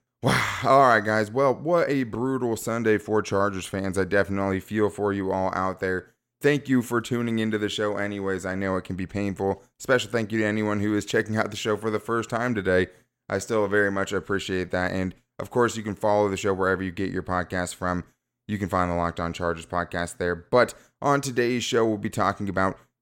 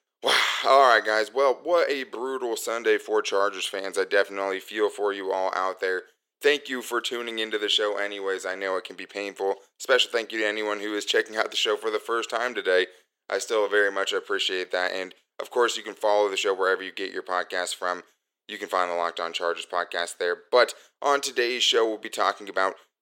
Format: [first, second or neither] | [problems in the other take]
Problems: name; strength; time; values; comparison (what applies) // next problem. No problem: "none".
first | thin; very; fading below 400 Hz